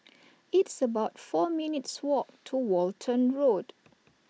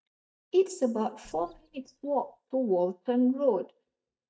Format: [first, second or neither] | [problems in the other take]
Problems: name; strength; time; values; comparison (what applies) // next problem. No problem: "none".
first | noise reduction (neural mask model DeepFilterNet 3)